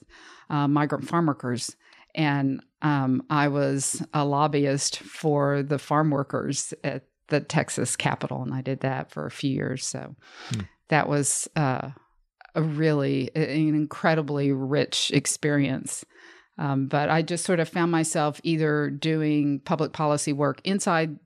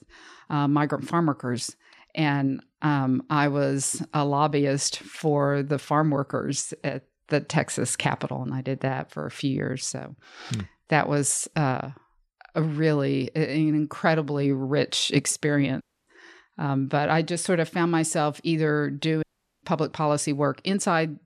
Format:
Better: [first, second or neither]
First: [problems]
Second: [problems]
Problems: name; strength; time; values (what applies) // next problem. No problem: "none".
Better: first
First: none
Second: audio cutting out; at 16 s and at 19 s